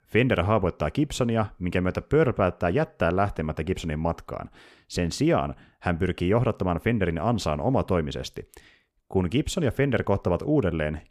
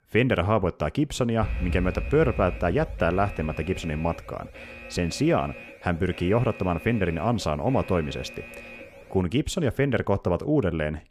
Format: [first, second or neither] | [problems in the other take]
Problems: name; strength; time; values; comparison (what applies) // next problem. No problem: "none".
first | alarm; noticeable; from 1.5 to 9 s; peak 5 dB below the speech